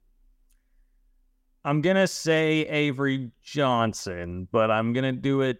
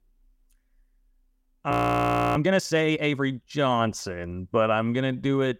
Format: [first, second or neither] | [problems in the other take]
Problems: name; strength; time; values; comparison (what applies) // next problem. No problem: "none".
first | audio freezing; at 1.5 s for 0.5 s